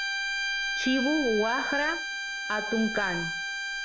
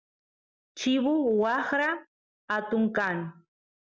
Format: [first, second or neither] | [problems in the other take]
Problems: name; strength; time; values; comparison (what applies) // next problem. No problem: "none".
second | background sound (Bowed string instrument); 2 dB below the speech